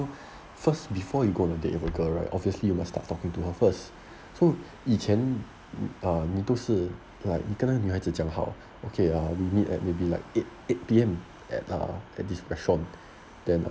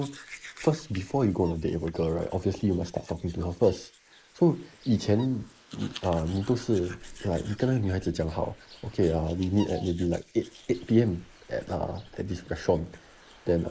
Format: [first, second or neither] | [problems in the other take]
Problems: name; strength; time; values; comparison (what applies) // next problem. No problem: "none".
first | noise reduction (neural mask model Resemble Enhance denoiser)